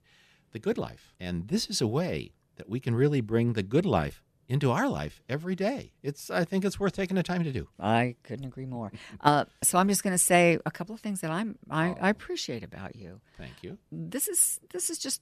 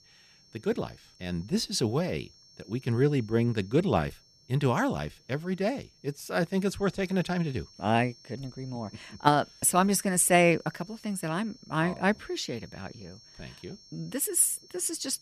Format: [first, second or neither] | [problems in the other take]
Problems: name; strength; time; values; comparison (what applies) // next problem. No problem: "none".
first | high-pitched whine; faint; throughout; 5.5 kHz, 25 dB below the speech